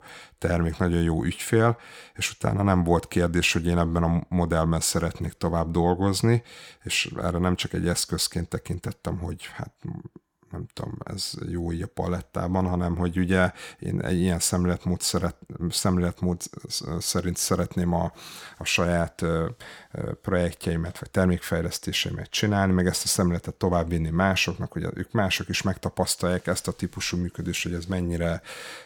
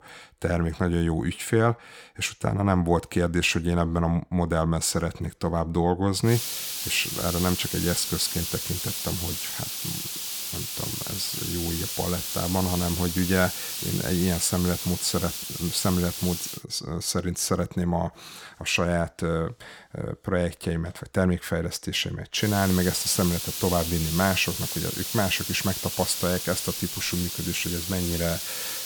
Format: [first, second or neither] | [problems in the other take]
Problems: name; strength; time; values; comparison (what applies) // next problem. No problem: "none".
first | hiss; loud; from 6.5 to 17 s and from 22 s on; 3 dB below the speech